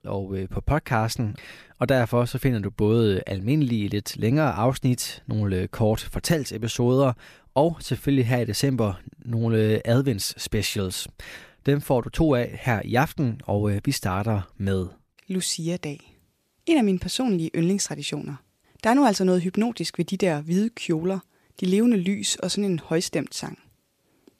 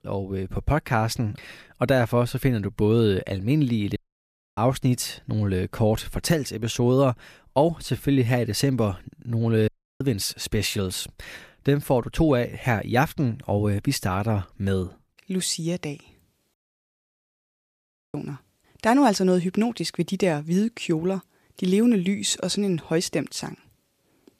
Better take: first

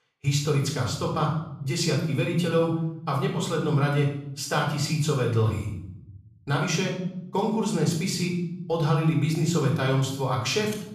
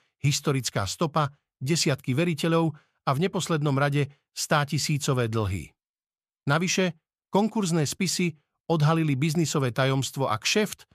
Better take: second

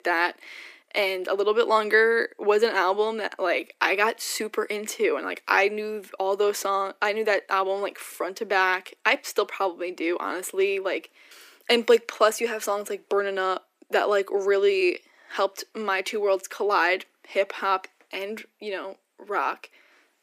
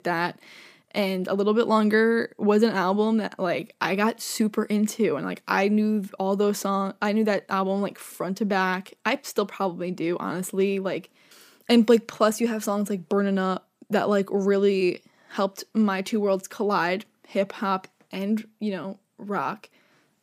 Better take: second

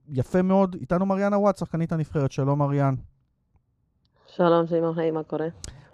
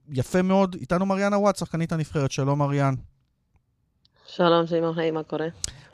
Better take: second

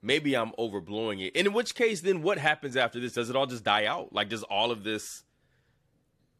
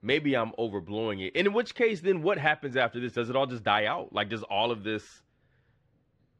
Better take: first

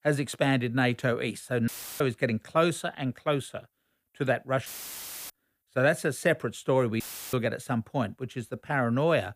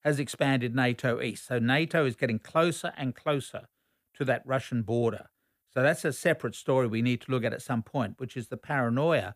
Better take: second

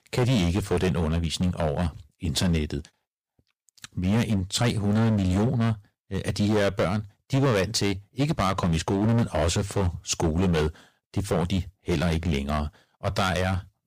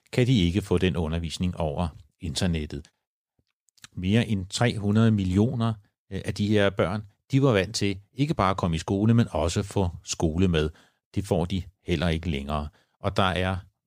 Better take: second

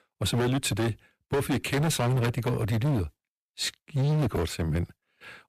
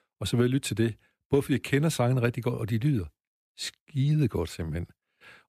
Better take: second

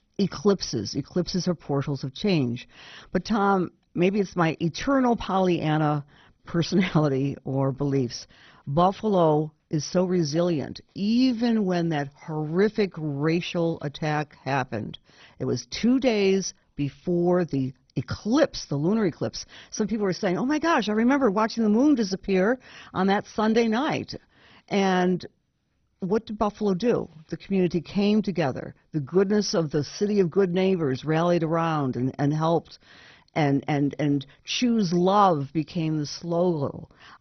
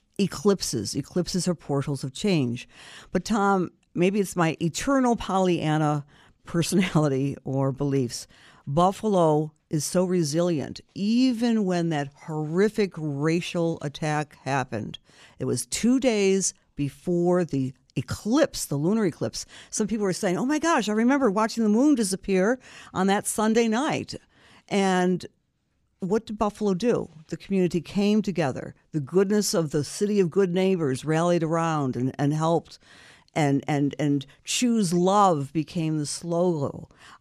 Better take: second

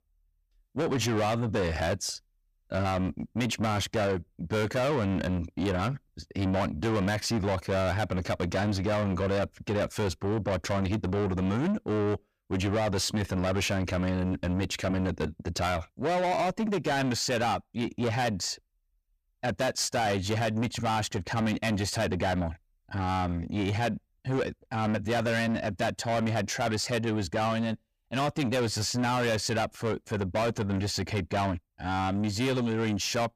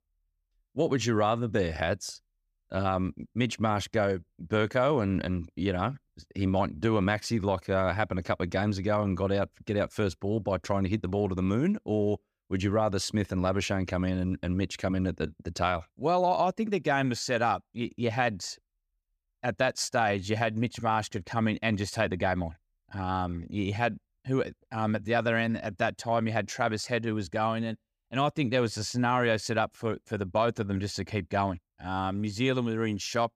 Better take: second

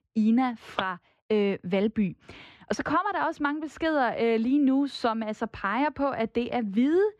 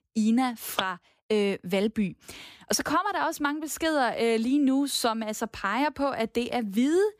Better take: second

